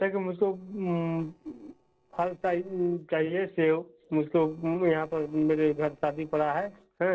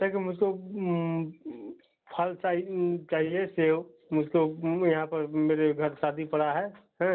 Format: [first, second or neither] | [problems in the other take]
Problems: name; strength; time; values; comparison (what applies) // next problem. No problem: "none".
second | noise reduction (neural separator model SepFormer DNS4)